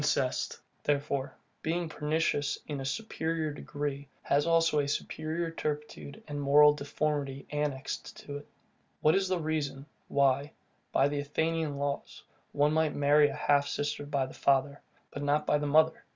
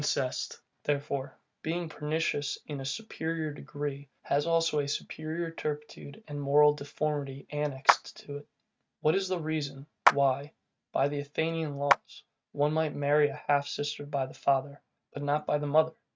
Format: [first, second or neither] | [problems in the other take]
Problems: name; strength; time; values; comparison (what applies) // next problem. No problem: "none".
first | noise reduction (neural mask model RNNoise)